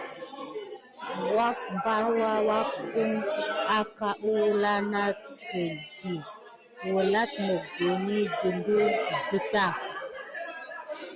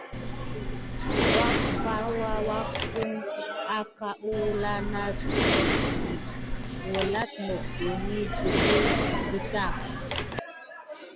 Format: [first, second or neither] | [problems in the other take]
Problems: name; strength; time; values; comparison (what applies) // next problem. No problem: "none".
first | background sound (Respiratory sounds); 4 dB above the speech